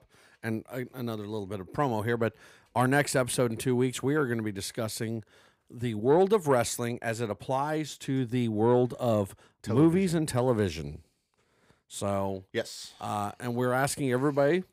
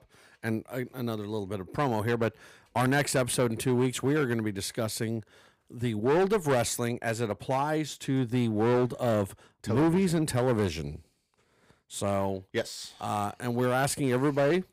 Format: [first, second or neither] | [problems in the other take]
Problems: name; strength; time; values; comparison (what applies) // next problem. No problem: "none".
first | distortion; slight; 8% of the sound clipped